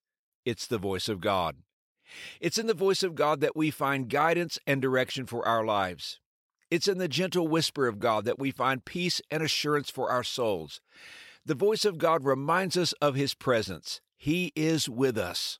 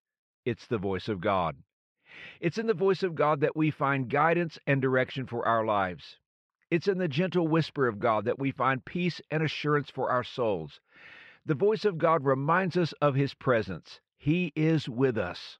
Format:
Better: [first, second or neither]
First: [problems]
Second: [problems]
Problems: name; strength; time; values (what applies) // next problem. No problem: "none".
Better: first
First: none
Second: muffled; slightly; fading above 2 kHz